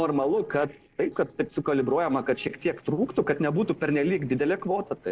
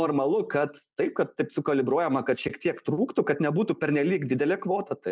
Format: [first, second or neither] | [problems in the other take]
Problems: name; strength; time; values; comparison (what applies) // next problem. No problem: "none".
second | noise reduction (neural separator model SepFormer DNS4)